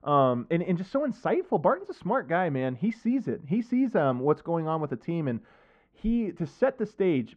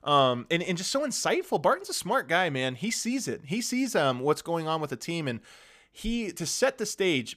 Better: second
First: muffled; very; fading above 1 kHz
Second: none

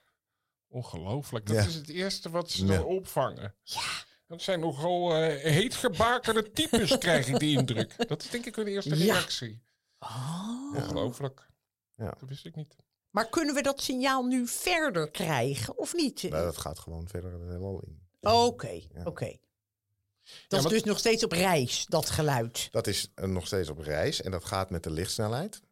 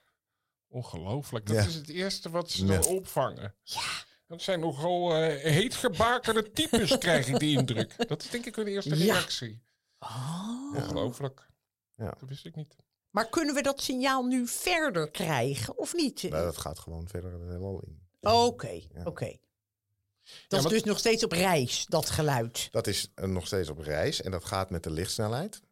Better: first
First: none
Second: jangling keys; very faint; at 3 s; peak level with the speech

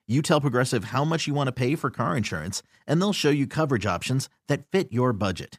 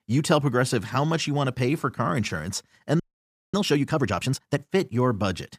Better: first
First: none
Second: audio freezing; at 3 s for 0.5 s

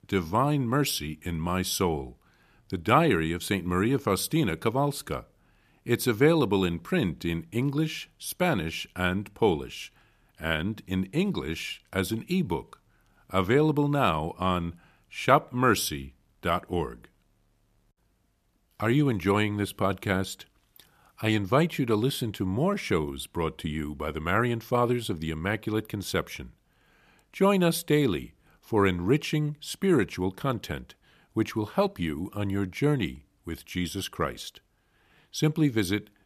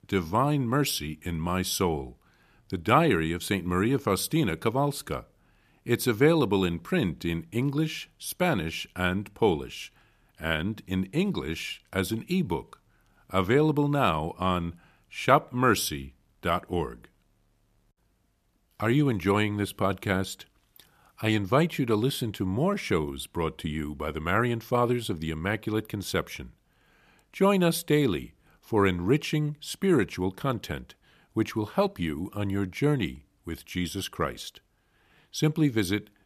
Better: neither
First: none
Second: none

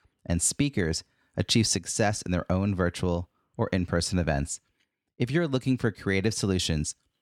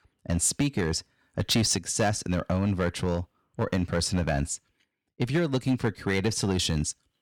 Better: first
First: none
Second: distortion; slight; 5% of the sound clipped

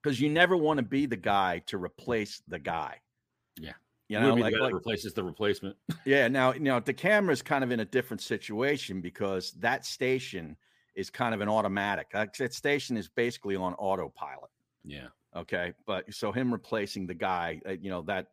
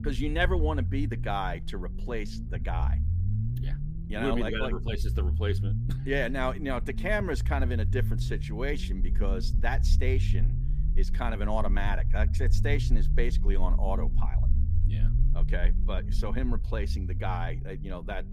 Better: first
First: none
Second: low rumble; noticeable; throughout; 15 dB below the speech

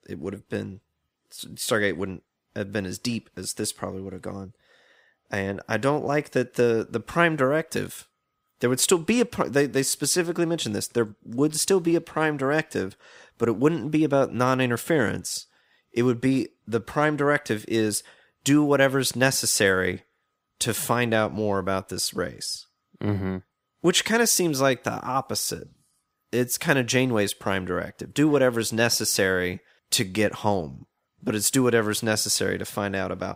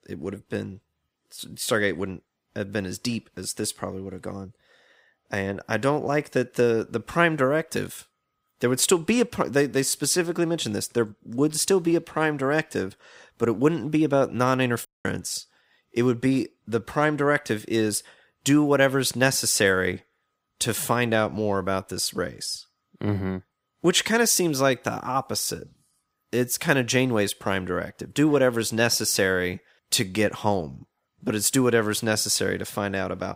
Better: first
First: none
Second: audio cutting out; at 15 s

